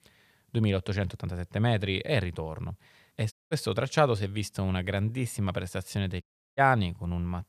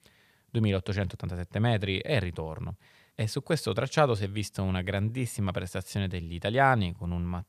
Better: second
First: audio cutting out; at 3.5 s and at 6 s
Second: none

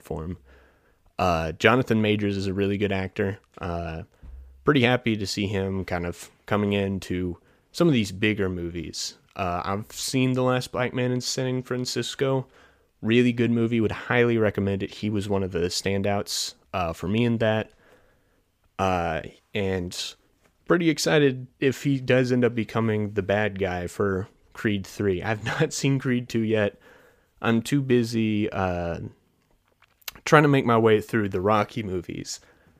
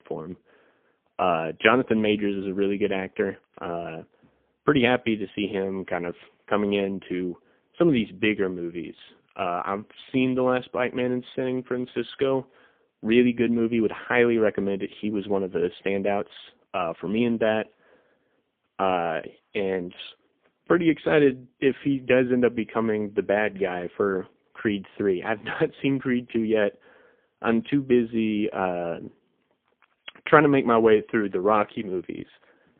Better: first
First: none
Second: phone-call audio; poor line; nothing above 3.5 kHz

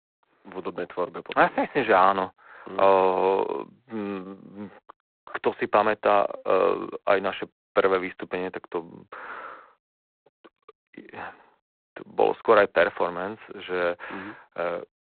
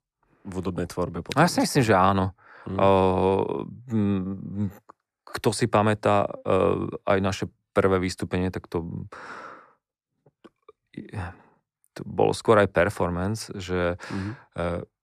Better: second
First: phone-call audio; poor line; nothing above 4 kHz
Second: none

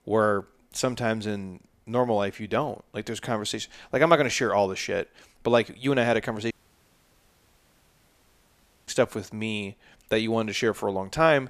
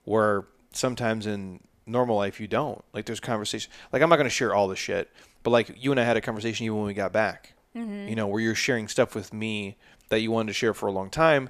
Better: second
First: audio cutting out; at 6.5 s for 2.5 s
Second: none

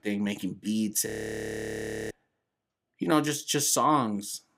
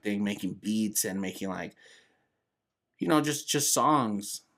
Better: second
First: audio freezing; at 1 s for 1 s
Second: none

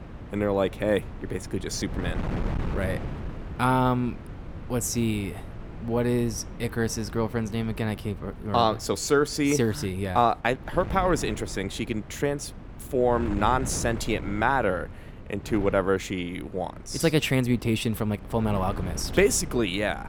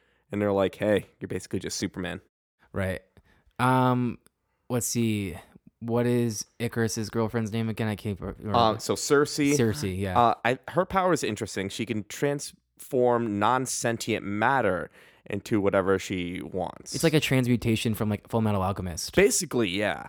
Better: second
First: wind noise on the microphone; occasional gusts; 15 dB below the speech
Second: none

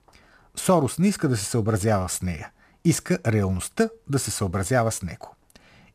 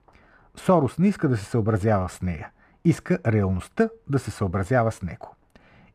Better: first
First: none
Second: muffled; slightly; fading above 3.5 kHz

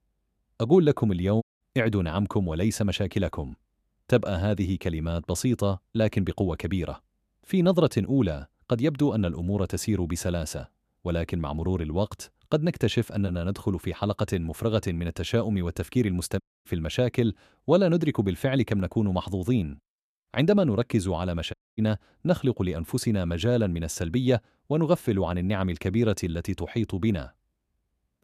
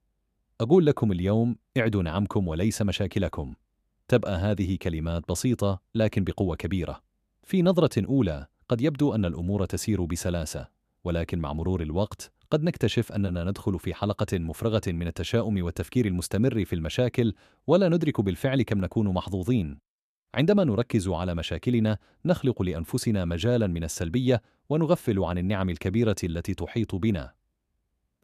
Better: second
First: audio cutting out; at 1.5 s, at 16 s and at 22 s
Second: none

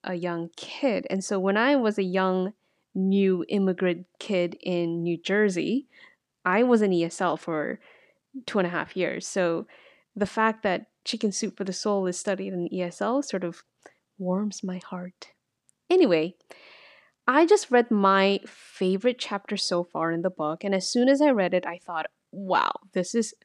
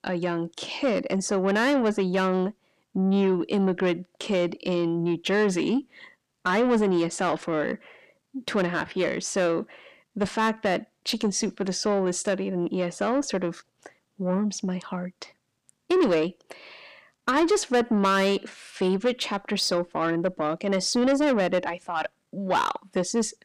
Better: first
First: none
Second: distortion; slight; 10 dB below the speech

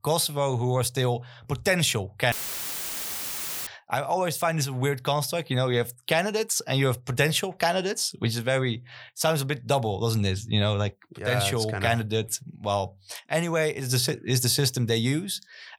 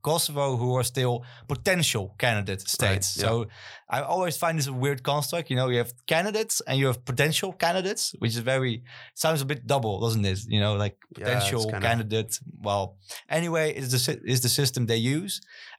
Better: second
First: audio cutting out; filled with static; at 2.5 s for 1.5 s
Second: none

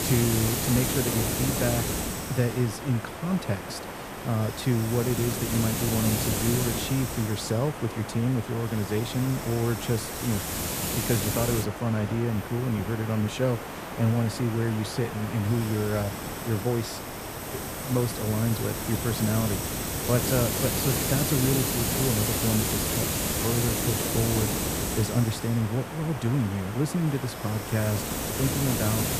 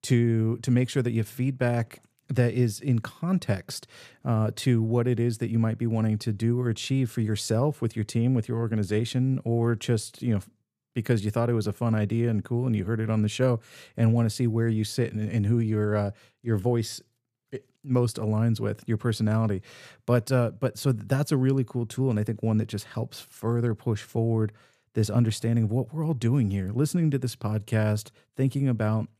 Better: second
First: hiss; loud; throughout; 1 dB below the speech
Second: none

